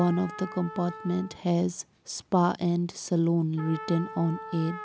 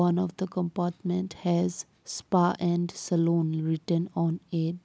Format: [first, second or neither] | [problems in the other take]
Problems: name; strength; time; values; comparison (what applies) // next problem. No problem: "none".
second | background sound (Trumpet); 15 dB below the speech